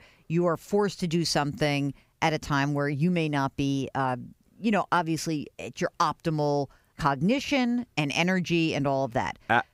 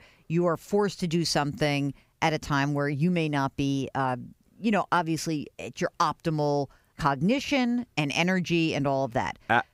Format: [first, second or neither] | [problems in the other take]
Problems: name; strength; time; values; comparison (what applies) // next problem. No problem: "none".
neither | none